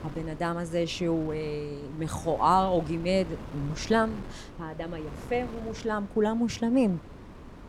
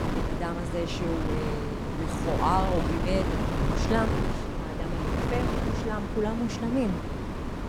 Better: first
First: wind noise on the microphone; occasional gusts; 20 dB below the speech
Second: wind noise on the microphone; heavy; 2 dB below the speech

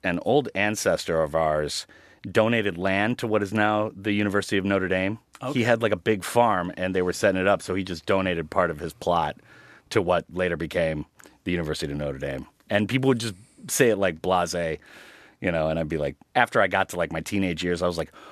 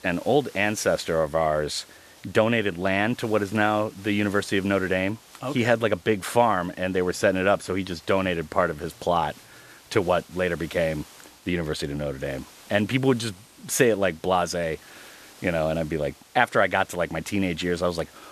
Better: first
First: none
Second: hiss; faint; throughout; 25 dB below the speech

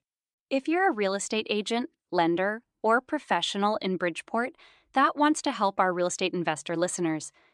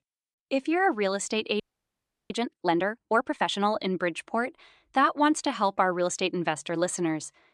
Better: first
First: none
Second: audio freezing; at 1.5 s for 0.5 s

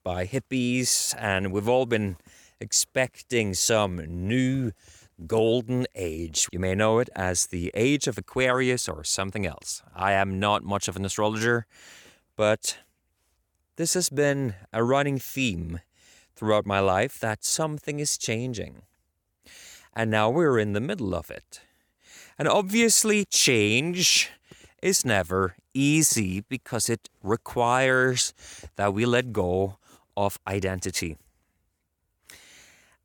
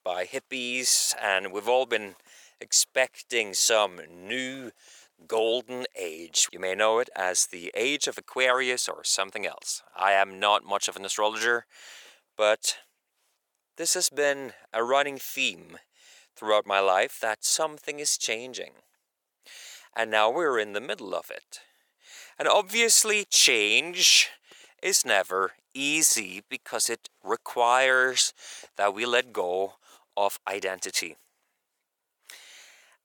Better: first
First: none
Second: thin; very; fading below 600 Hz

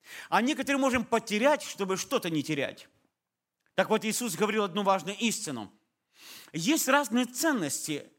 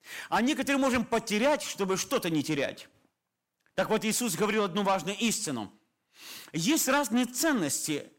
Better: first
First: none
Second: distortion; slight; 10 dB below the speech

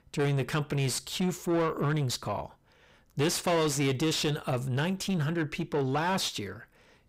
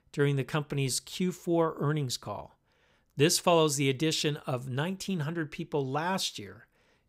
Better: second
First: distortion; heavy; 7 dB below the speech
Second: none

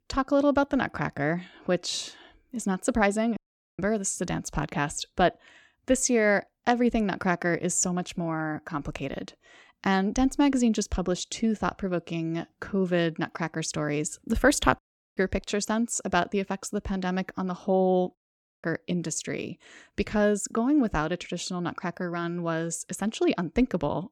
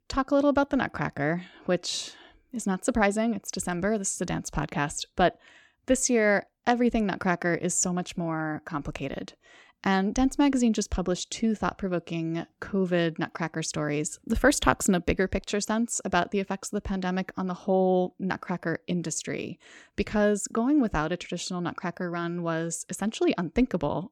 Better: second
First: audio cutting out; at 3.5 s, at 15 s and at 18 s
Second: none

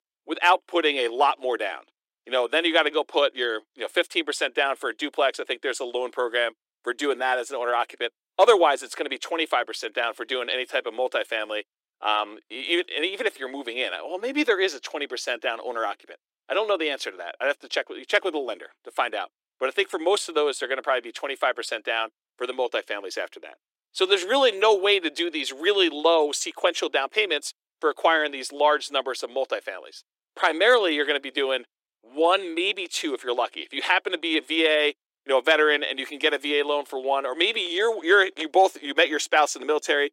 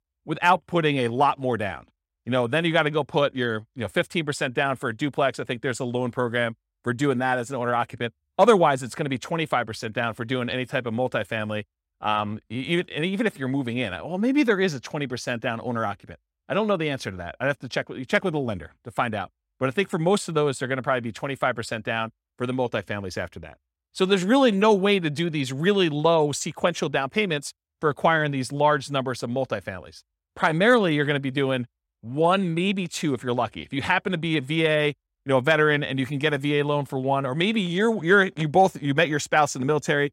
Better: second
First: thin; very; fading below 300 Hz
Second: none

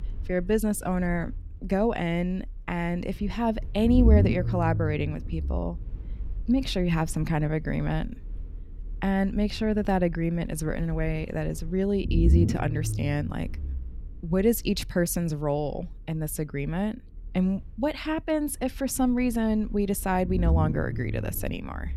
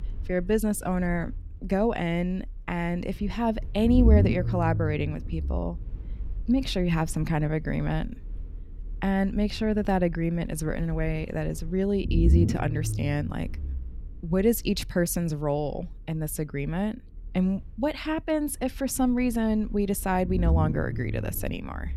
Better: neither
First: low rumble; noticeable; throughout; 15 dB below the speech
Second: low rumble; noticeable; throughout; 15 dB below the speech

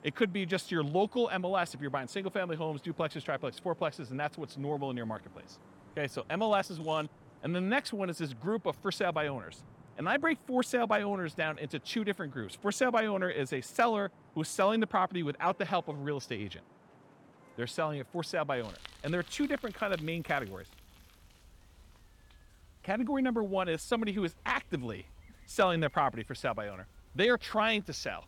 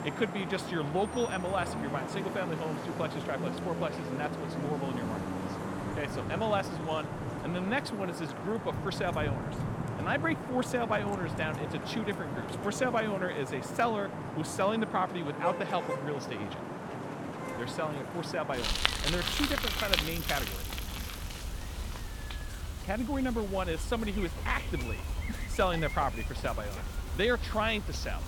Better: first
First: traffic noise; faint; throughout; 25 dB below the speech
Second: traffic noise; loud; throughout; 3 dB below the speech

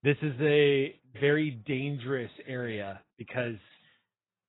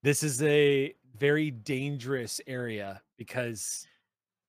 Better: second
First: garbled, watery; badly; nothing above 3.5 kHz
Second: none

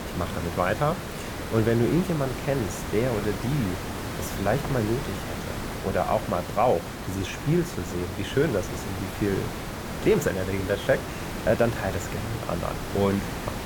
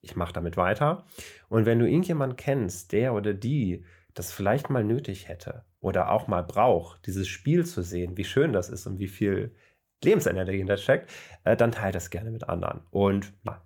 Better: second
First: hiss; loud; throughout; 6 dB below the speech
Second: none

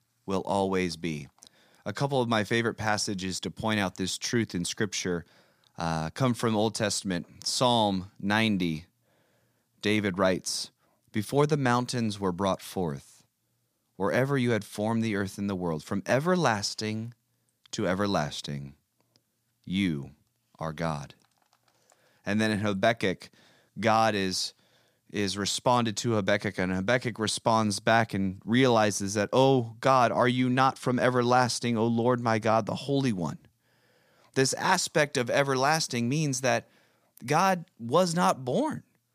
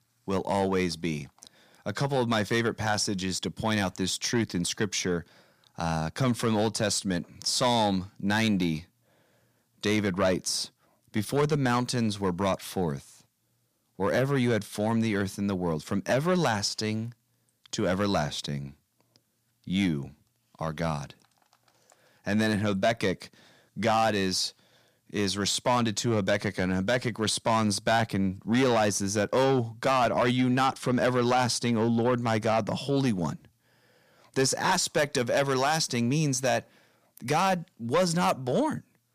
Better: first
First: none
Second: distortion; slight; 10 dB below the speech

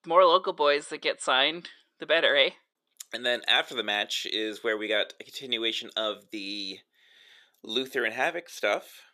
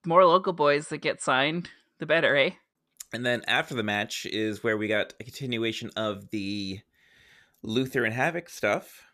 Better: second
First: thin; somewhat; fading below 450 Hz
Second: none

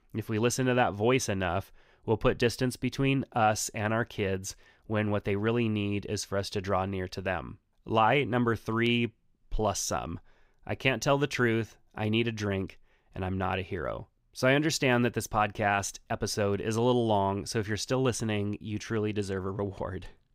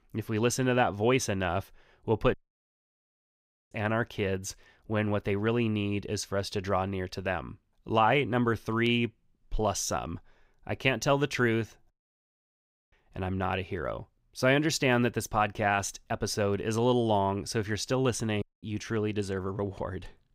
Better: first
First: none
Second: audio cutting out; at 2.5 s for 1.5 s, at 12 s for 1 s and at 18 s

